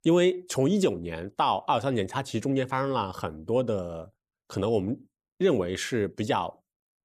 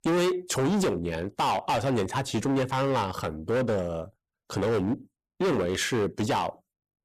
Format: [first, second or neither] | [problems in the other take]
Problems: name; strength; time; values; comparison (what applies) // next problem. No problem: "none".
first | distortion; heavy; 19% of the sound clipped